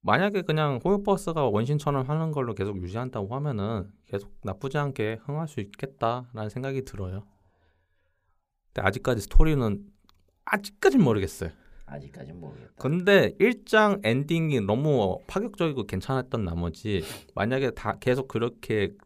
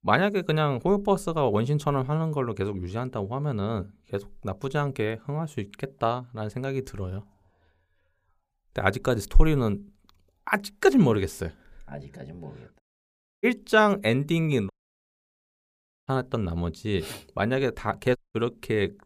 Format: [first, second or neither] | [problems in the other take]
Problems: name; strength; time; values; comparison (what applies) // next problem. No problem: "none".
first | audio cutting out; at 13 s for 0.5 s, at 15 s for 1.5 s and at 18 s